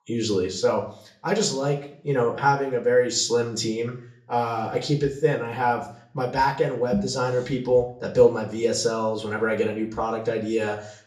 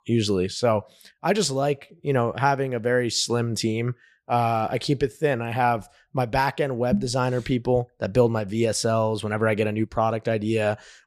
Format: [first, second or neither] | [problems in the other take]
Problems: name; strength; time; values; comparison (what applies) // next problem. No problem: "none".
second | room echo; slight; dies away in 0.4 s // off-mic speech; far